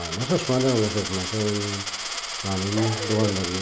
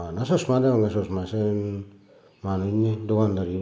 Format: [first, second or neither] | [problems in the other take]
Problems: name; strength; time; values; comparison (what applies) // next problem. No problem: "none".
second | background sound (Dog + Coin (dropping)); 5 dB below the speech